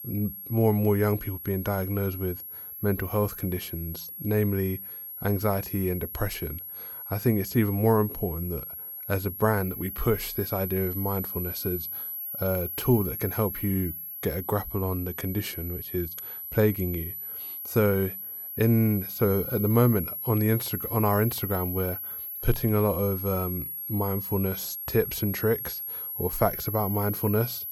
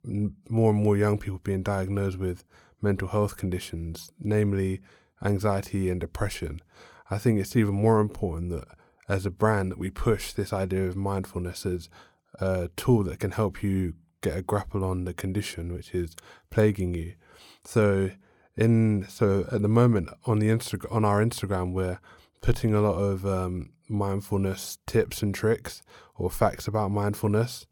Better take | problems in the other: second | high-pitched whine; loud; throughout; 11.5 kHz, 6 dB below the speech

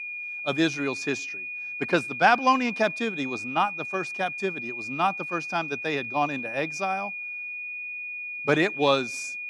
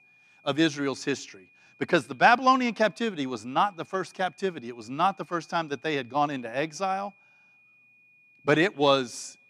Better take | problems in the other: second | high-pitched whine; loud; throughout; 2.5 kHz, 6 dB below the speech; faint in the second

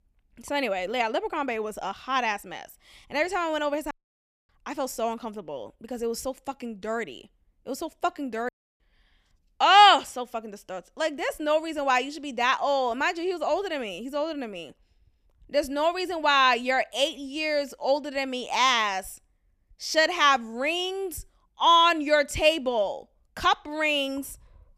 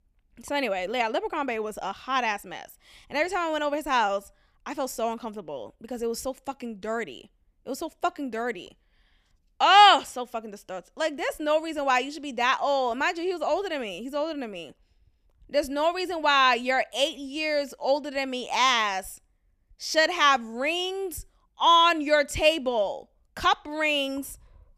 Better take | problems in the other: second | audio cutting out; at 4 s for 0.5 s and at 8.5 s

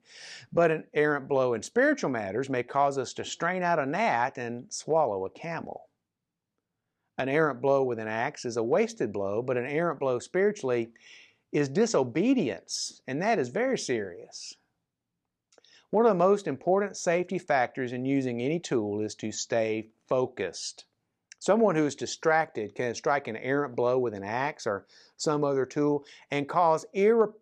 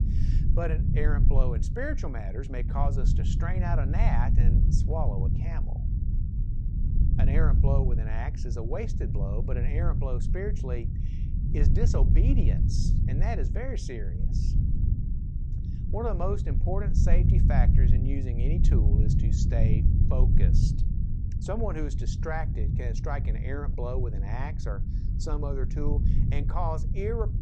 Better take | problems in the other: first | low rumble; loud; throughout; 5 dB below the speech

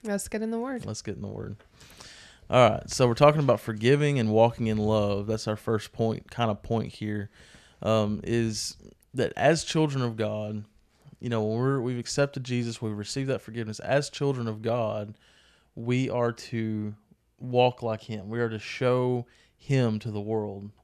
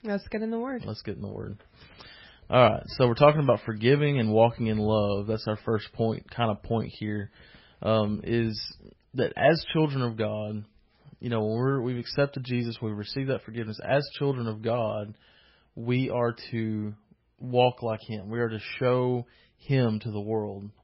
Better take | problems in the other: first | garbled, watery; badly; nothing above 5.5 kHz

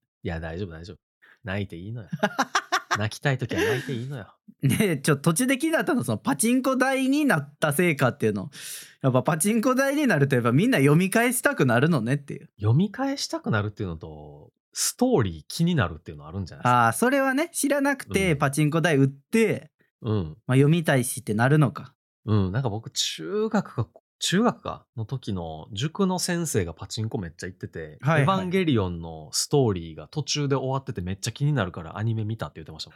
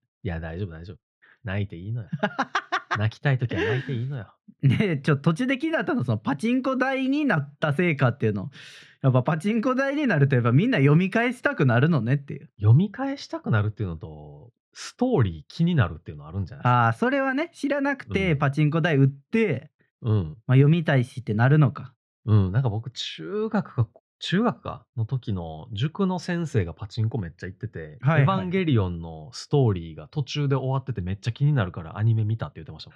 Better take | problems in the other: first | muffled; slightly; fading above 3 kHz

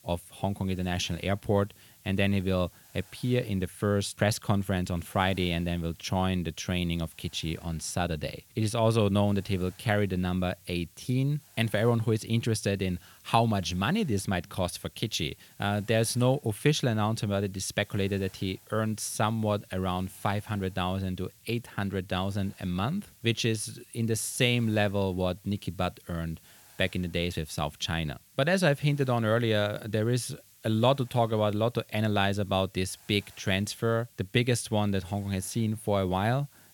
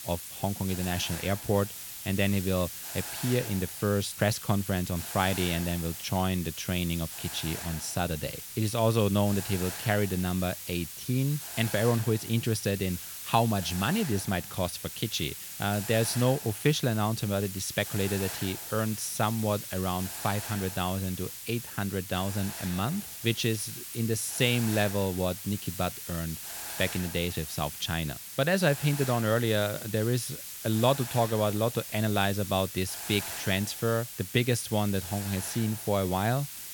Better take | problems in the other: first | hiss; loud; throughout; 8 dB below the speech; faint in the first

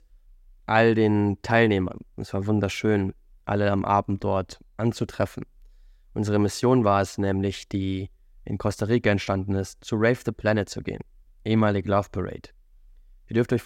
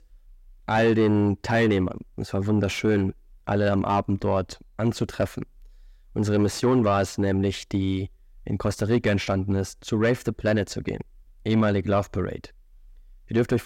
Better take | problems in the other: first | distortion; slight; 10 dB below the speech

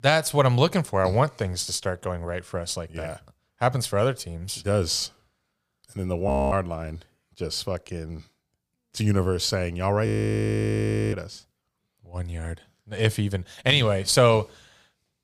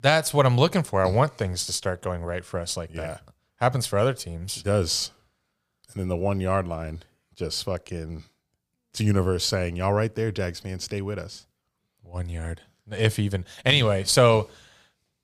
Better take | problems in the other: second | audio freezing; at 6.5 s and at 10 s for 1 s

